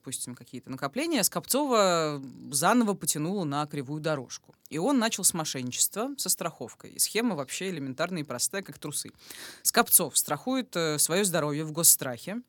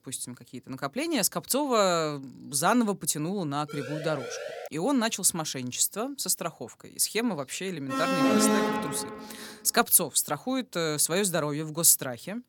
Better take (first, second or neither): first